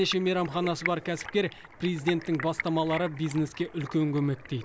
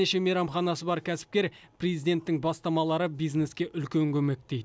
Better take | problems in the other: second | background sound (Stream); 12 dB below the speech

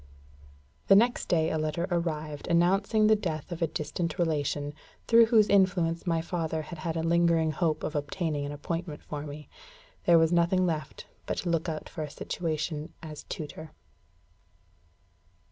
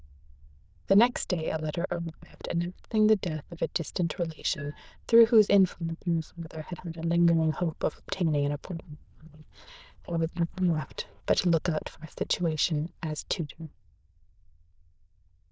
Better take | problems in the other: first | noise reduction (neural diffusion model UNIVERSE++)

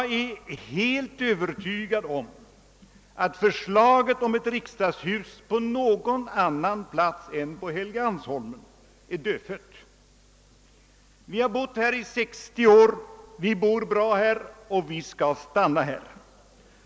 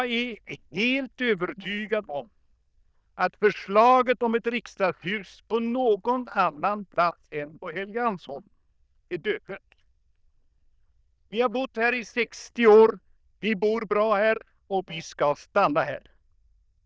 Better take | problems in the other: first | noise reduction (neural diffusion model UNIVERSE++)

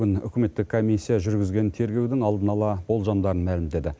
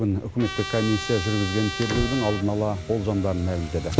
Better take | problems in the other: first | background sound (Trumpet + Motor vehicle (road)); 5 dB below the speech

